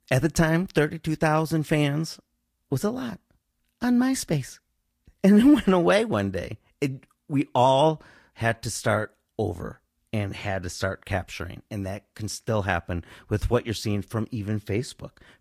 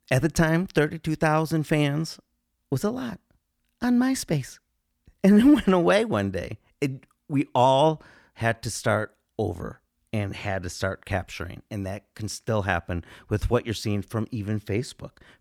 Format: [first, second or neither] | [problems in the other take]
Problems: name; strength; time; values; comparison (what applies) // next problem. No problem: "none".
second | garbled, watery; slightly; nothing above 14.5 kHz